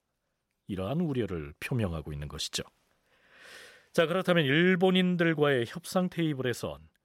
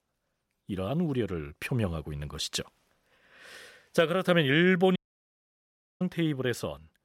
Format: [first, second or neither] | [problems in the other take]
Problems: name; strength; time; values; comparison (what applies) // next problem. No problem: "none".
first | audio cutting out; at 5 s for 1 s